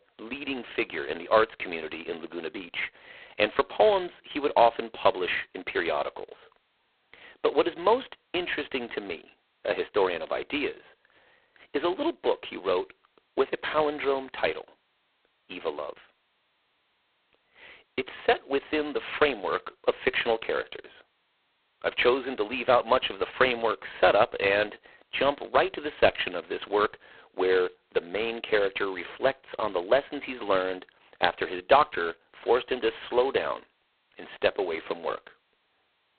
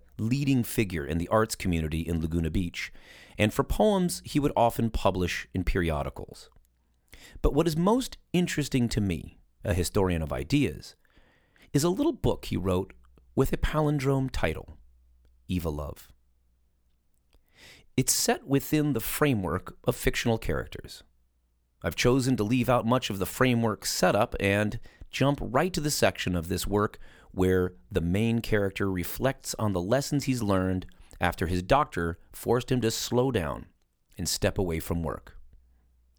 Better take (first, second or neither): second